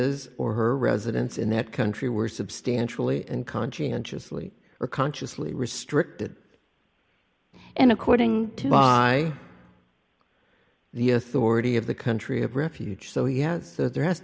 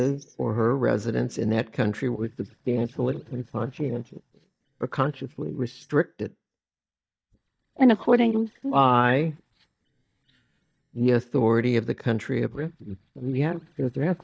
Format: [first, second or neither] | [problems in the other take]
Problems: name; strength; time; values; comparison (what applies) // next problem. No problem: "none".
first | noise reduction (neural mask model DeepFilterNet 3)